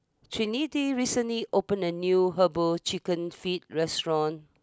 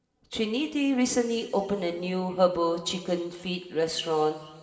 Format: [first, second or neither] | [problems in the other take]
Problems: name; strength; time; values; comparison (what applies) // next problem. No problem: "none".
first | room echo; dies away in 2.1 s